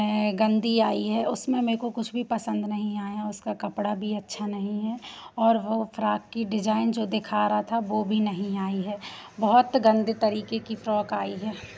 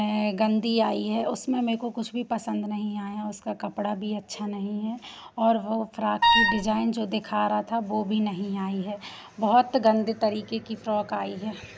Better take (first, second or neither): first